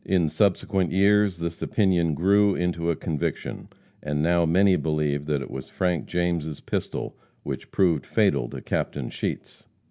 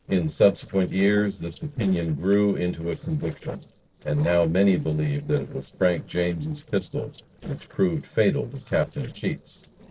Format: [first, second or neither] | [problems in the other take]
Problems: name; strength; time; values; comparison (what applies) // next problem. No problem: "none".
first | noise reduction (neural separator model SepFormer DNS4)